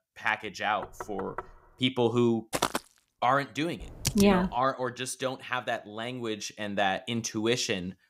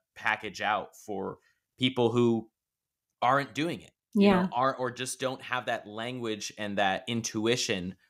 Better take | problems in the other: second | door banging; faint; at 1 s; peak 10 dB below the speech // footsteps; noticeable; at 2.5 s; peak 1 dB below the speech // keyboard typing; noticeable; at 4 s; peak 3 dB below the speech

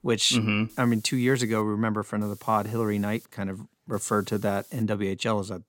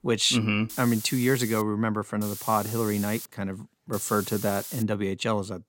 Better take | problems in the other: first | hiss; loud; at 0.5 s, from 2 to 3.5 s and at 4 s; 10 dB below the speech; faint in the first

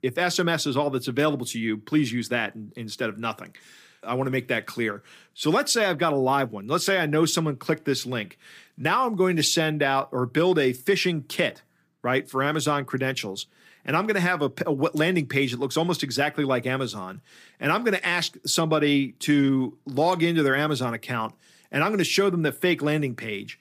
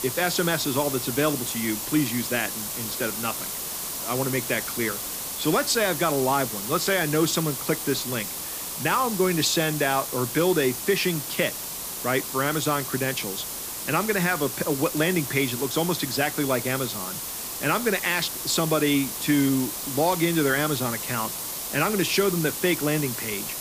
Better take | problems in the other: first | hiss; loud; throughout; 4 dB below the speech

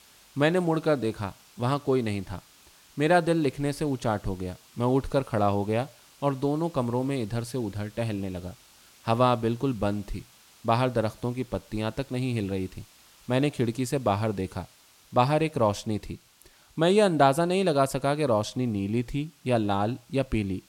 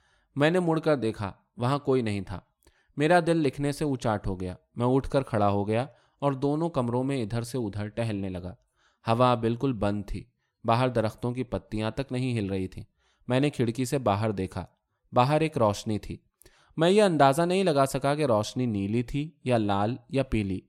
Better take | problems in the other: second | hiss; faint; throughout; 25 dB below the speech

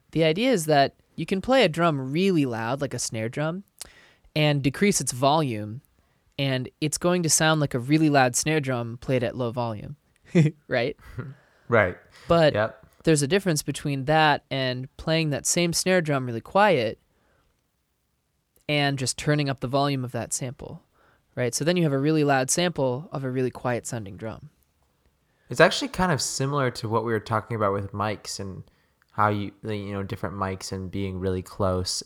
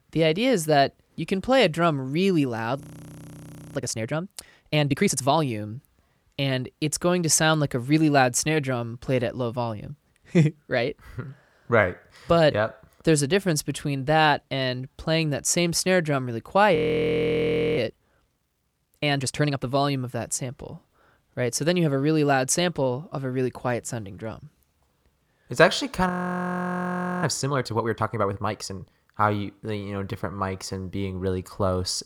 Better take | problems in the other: first | audio freezing; at 3 s for 1 s, at 17 s for 1 s and at 26 s for 1 s

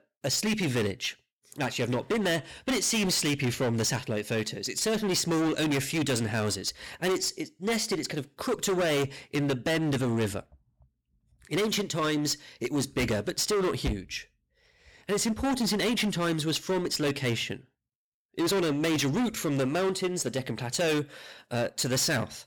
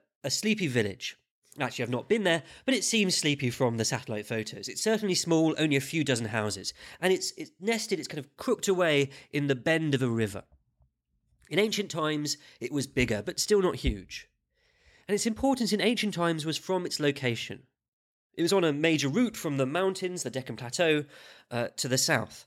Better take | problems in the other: second | distortion; heavy; 18% of the sound clipped

